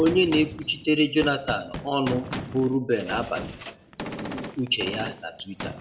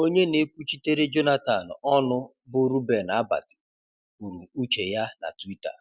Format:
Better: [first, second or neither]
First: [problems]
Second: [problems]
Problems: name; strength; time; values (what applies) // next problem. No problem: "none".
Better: second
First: background sound (Gunshot, gunfire); 10 dB below the speech // room echo; dies away in 0.4 s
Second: none